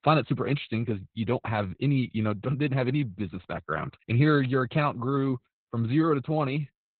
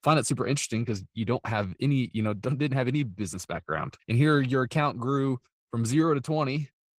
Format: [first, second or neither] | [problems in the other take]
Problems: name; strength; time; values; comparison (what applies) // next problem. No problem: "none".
second | garbled, watery; badly; nothing above 4 kHz; slightly in the second